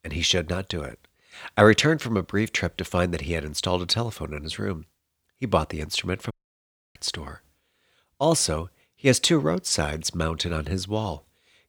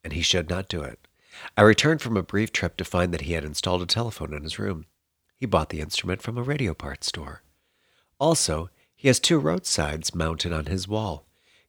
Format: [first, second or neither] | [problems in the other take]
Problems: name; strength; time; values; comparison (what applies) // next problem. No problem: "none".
second | audio cutting out; at 6.5 s for 0.5 s